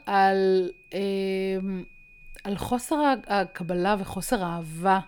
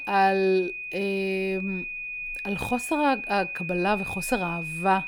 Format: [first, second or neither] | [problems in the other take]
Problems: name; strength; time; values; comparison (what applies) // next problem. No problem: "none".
first | high-pitched whine; loud; throughout; 2.5 kHz, 5 dB below the speech; faint in the first